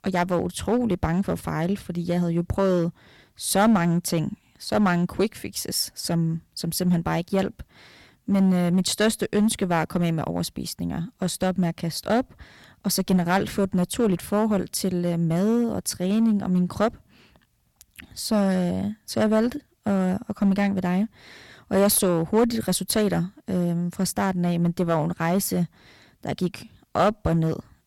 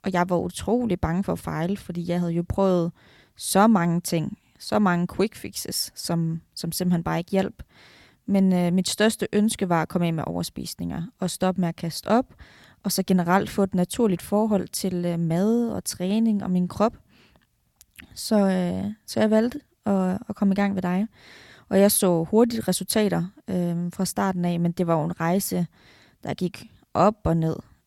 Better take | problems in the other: second | distortion; slight; 4% of the sound clipped

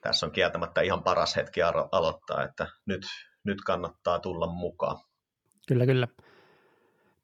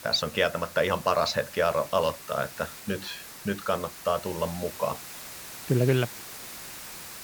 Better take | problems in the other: first | hiss; noticeable; throughout; 10 dB below the speech

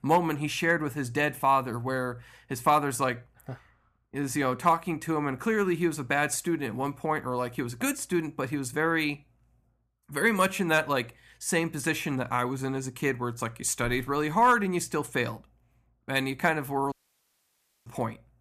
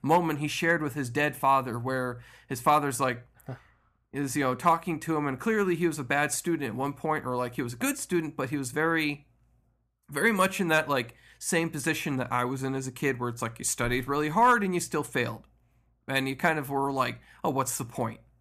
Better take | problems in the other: second | audio cutting out; at 17 s for 1 s

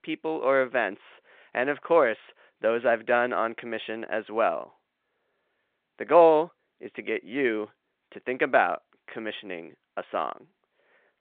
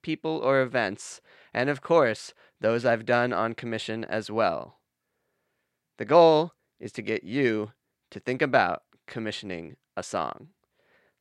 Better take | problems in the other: second | phone-call audio; nothing above 3.5 kHz

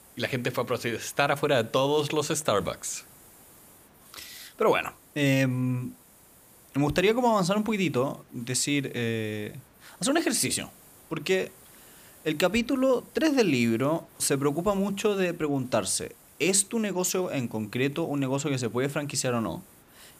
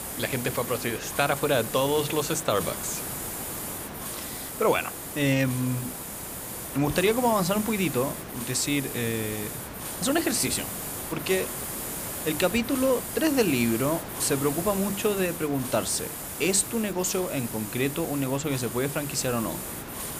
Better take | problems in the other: first | hiss; loud; throughout; 6 dB below the speech; faint in the first

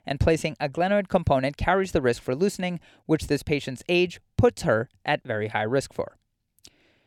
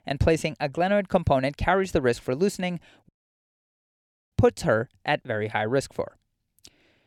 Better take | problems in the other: first | audio cutting out; at 3 s for 1 s

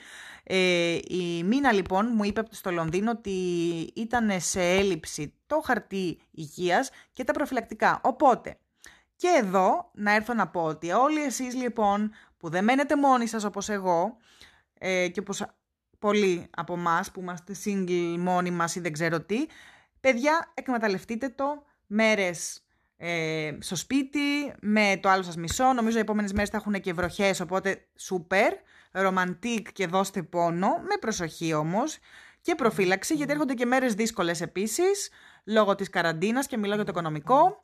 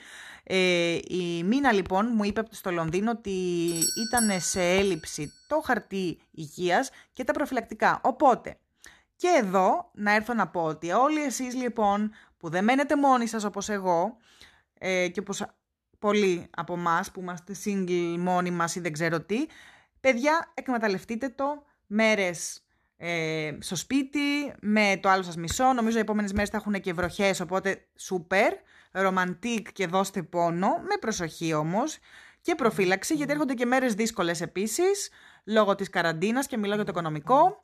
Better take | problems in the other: first | doorbell; loud; at 3.5 s; peak level with the speech

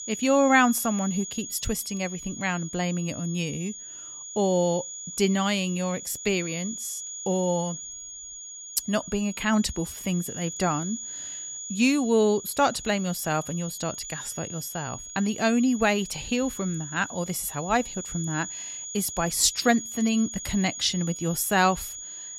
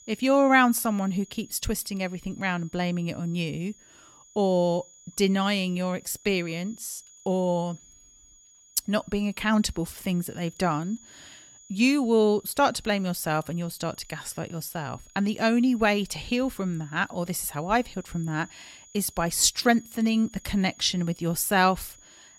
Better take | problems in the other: second | high-pitched whine; loud; throughout; 7 kHz, 9 dB below the speech; faint in the second

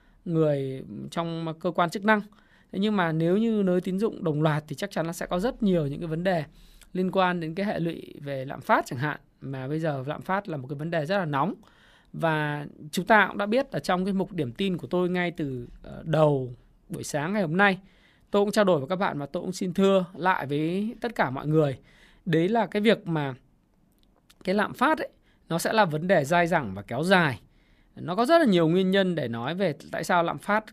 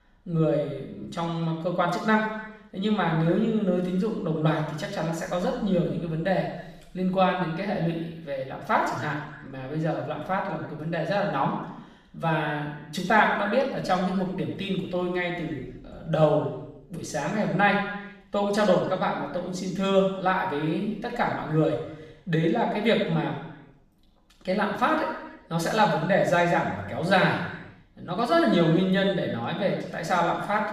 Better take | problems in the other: first | room echo; noticeable; dies away in 0.9 s // off-mic speech; far

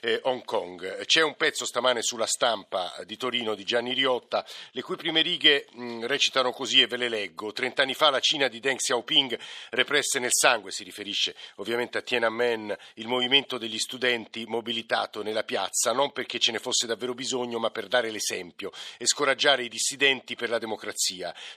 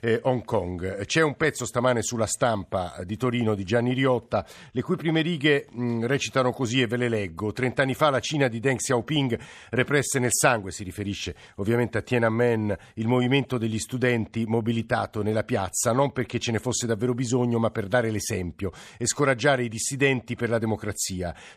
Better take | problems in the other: second | thin; somewhat; fading below 400 Hz

